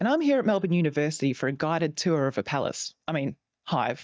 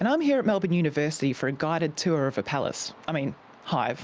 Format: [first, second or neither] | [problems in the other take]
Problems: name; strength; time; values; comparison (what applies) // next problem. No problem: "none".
second | noise reduction (neural mask model DeepFilterNet 3)